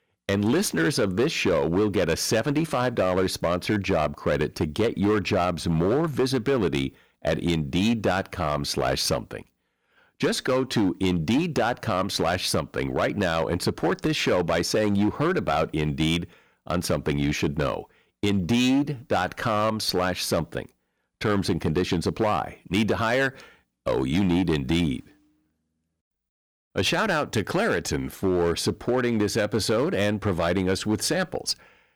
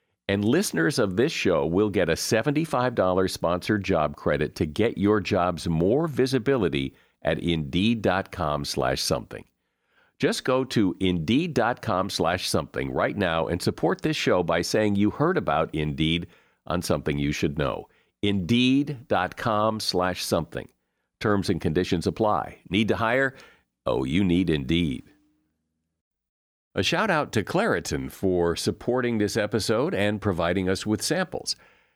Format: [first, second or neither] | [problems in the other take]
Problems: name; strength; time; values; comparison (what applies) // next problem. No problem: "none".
second | distortion; slight; 9% of the sound clipped